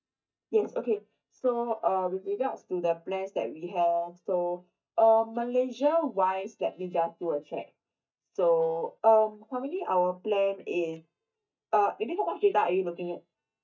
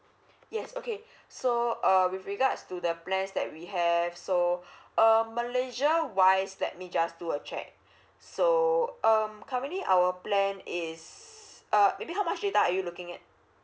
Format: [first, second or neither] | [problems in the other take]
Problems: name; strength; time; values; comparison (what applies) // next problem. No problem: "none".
second | noise reduction (neural mask model DeepFilterNet 3)